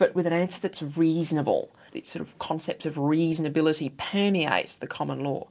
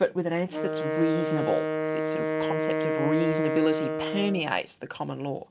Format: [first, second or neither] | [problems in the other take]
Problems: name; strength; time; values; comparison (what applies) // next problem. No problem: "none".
first | background sound (Wind instrument, woodwind instrument); as loud as the speech